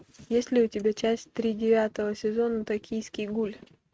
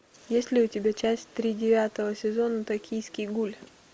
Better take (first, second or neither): second